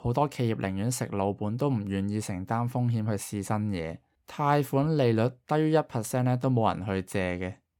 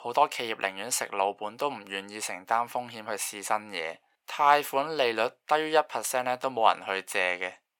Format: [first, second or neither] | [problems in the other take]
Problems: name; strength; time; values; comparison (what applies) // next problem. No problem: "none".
first | thin; very; fading below 800 Hz